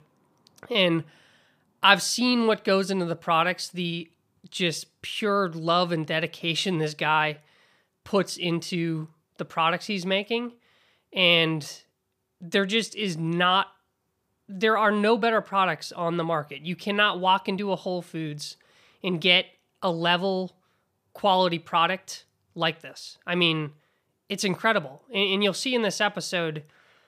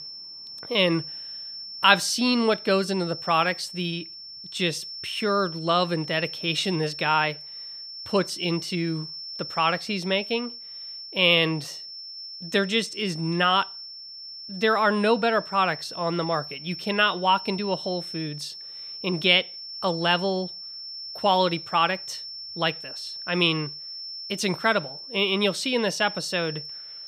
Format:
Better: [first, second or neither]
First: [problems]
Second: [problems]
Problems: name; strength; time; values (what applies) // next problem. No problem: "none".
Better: first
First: none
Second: high-pitched whine; noticeable; throughout; 5.5 kHz, 10 dB below the speech